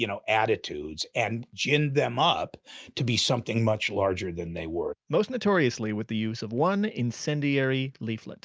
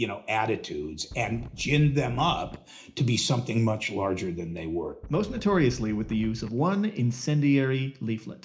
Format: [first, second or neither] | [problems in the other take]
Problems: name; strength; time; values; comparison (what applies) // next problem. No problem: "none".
first | background sound (Wind); 15 dB below the speech // room echo; dies away in 0.4 s